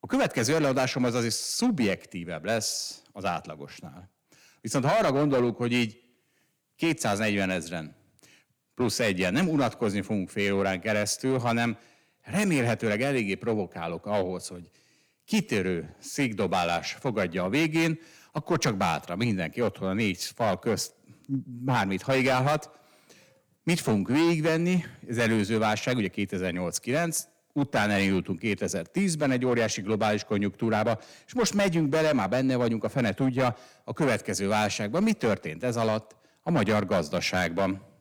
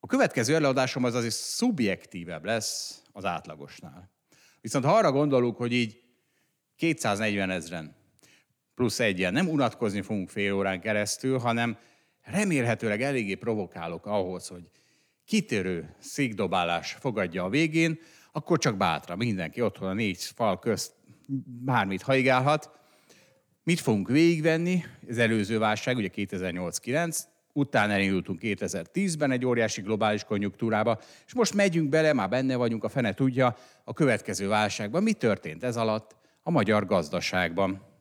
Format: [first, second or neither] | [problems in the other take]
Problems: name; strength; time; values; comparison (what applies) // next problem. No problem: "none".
second | distortion; slight; 7% of the sound clipped